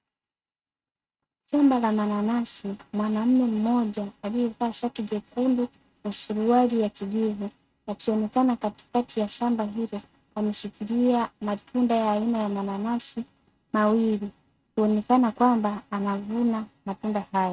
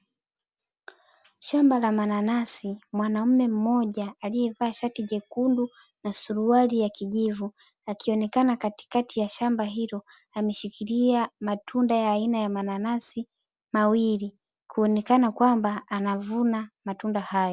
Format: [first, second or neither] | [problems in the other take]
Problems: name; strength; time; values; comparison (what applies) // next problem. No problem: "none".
second | noise reduction (neural mask model RNNoise)